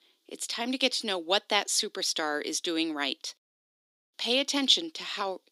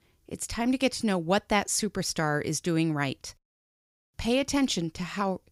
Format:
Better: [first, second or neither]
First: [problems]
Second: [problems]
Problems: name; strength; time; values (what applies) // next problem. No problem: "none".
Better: second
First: thin; very slightly; fading below 250 Hz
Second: none